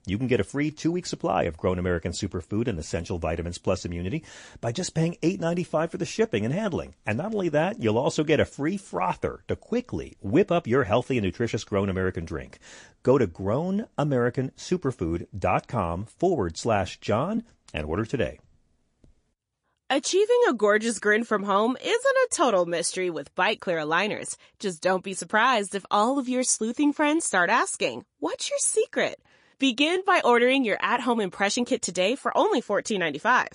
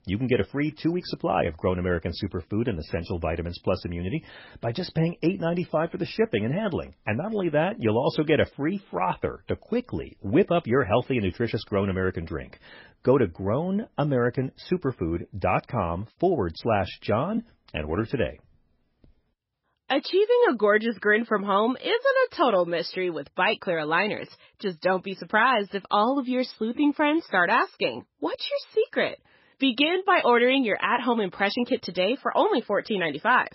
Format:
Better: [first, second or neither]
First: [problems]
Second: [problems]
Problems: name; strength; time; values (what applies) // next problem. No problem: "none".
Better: first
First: garbled, watery; slightly; nothing above 10.5 kHz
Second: garbled, watery; badly; nothing above 5.5 kHz